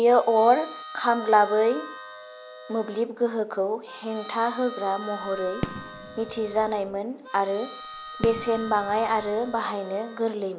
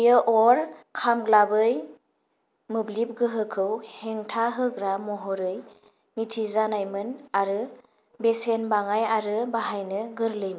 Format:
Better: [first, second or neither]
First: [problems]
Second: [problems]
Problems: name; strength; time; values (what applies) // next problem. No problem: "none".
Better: second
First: background sound (Fireworks + Harmonica); 13 dB below the speech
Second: none